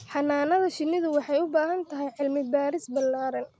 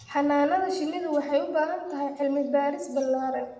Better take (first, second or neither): first